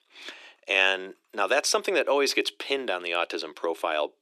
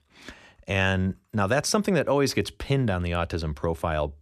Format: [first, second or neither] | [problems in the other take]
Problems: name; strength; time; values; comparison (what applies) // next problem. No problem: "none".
second | thin; very; fading below 300 Hz